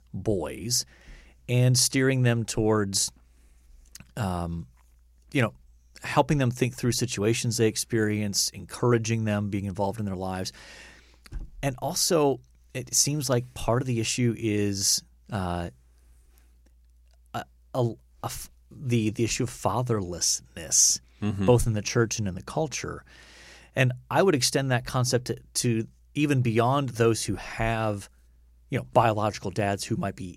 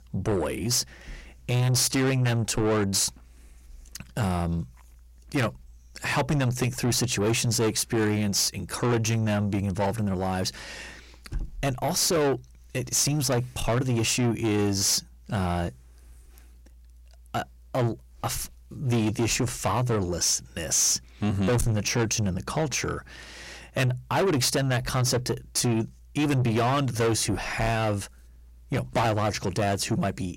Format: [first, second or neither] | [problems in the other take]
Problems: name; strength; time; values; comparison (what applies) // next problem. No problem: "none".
first | distortion; heavy; 7 dB below the speech